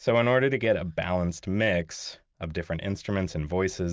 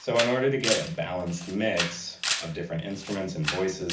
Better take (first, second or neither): first